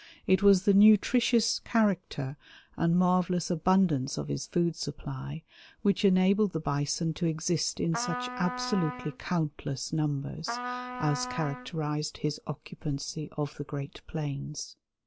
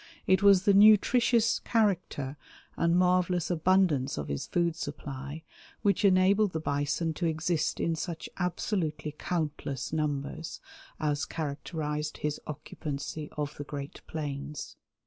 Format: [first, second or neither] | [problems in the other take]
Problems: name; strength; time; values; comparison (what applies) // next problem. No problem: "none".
second | background sound (Trumpet); 10 dB below the speech